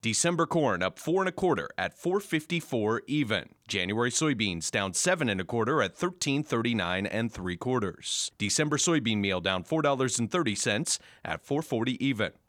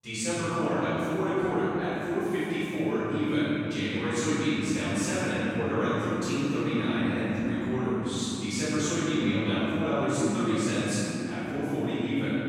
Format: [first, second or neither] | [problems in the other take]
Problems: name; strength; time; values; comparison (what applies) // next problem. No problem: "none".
first | off-mic speech; far // room echo; strong; dies away in 3 s